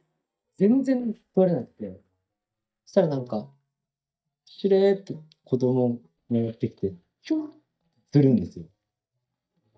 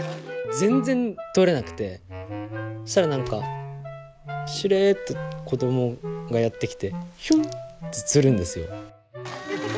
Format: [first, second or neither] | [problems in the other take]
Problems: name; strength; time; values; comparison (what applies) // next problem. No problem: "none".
second | noise reduction (neural mask model DeepFilterNet 3)